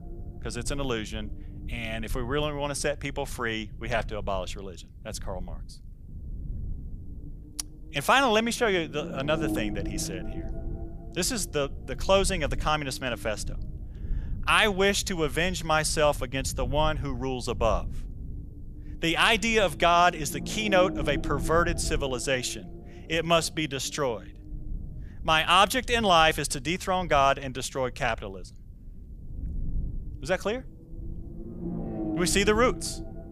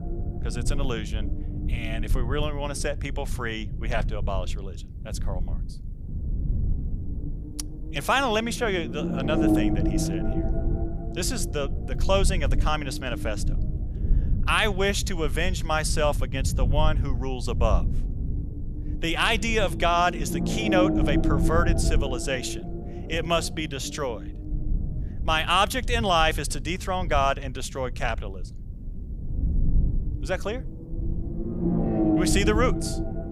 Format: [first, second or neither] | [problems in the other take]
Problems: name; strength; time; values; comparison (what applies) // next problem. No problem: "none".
first | low rumble; loud; throughout; 10 dB below the speech; faint in the first